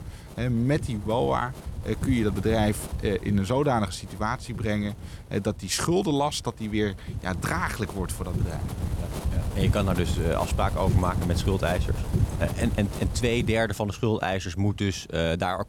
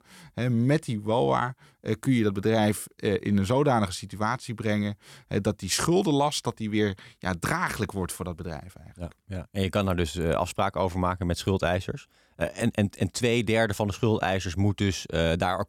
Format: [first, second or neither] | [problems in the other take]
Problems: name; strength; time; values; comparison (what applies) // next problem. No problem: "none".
second | wind noise on the microphone; occasional gusts; 10 dB below the speech